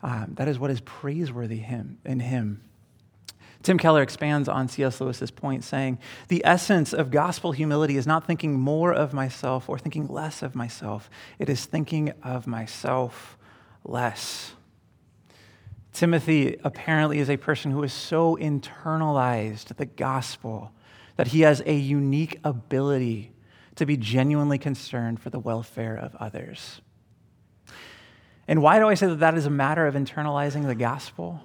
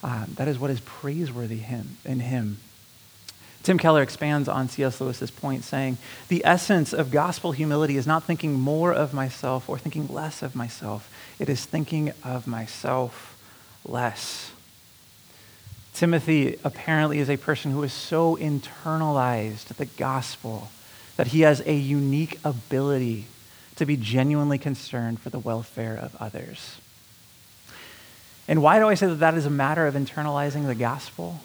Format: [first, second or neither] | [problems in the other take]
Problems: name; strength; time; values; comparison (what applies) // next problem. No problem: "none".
first | hiss; faint; throughout; 25 dB below the speech